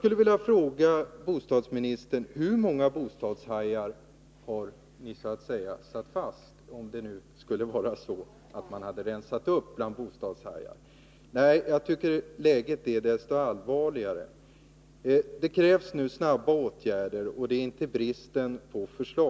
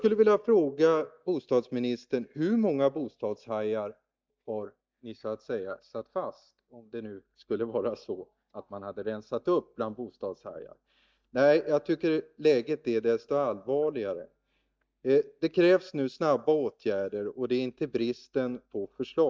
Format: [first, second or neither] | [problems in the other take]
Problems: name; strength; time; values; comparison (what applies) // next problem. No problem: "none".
first | noise reduction (neural mask model DeepFilterNet 3)